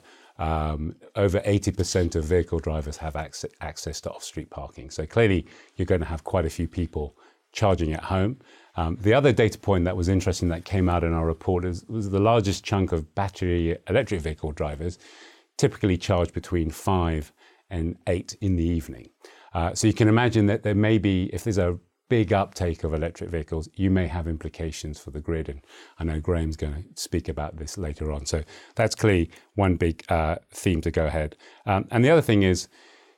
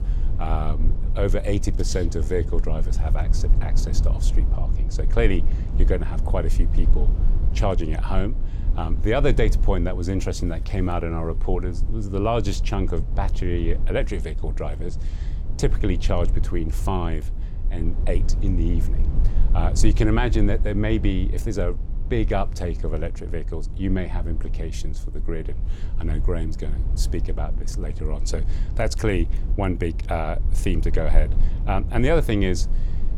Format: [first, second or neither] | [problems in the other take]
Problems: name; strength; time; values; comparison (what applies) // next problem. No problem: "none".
first | low rumble; noticeable; throughout; 15 dB below the speech